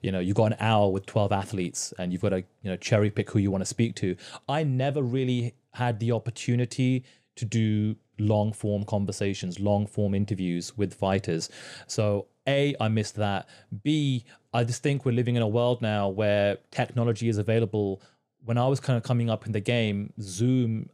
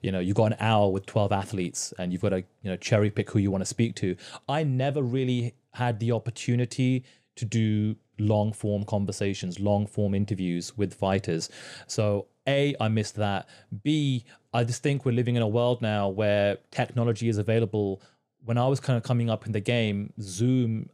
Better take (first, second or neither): neither